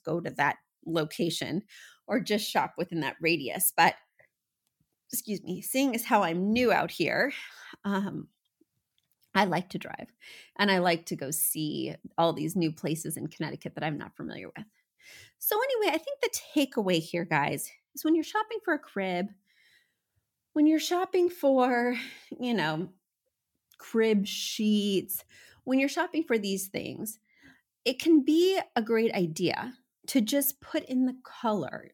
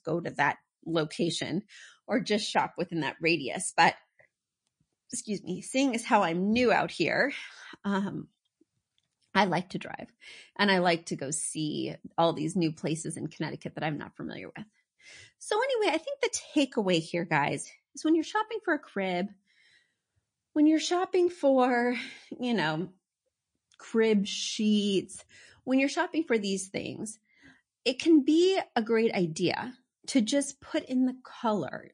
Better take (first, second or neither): first